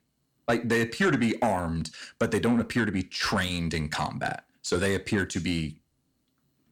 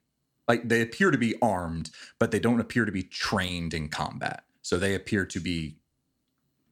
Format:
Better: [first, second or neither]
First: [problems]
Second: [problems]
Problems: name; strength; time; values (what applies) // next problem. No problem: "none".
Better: second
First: distortion; slight; 10 dB below the speech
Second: none